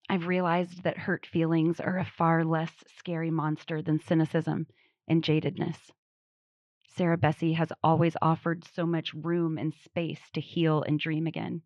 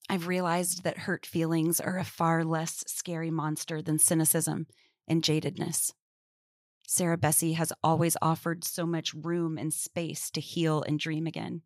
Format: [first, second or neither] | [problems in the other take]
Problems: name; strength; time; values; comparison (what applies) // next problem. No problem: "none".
second | muffled; very; fading above 3 kHz